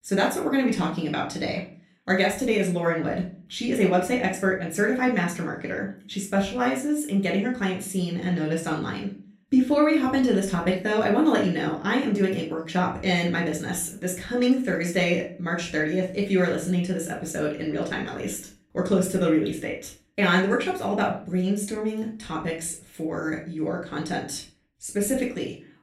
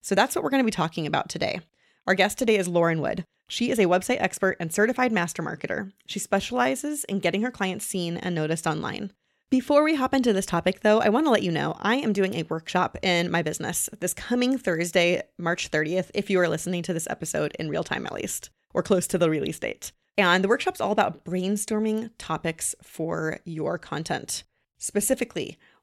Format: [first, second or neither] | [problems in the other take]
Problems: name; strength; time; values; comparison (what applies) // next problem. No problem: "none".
second | off-mic speech; far // room echo; slight; dies away in 0.3 s